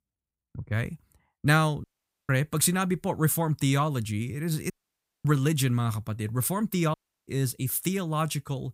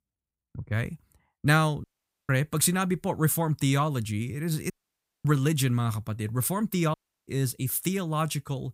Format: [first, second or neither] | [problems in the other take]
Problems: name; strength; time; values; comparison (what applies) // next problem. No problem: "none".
neither | audio cutting out; at 2 s, at 4.5 s for 0.5 s and at 7 s; the same in both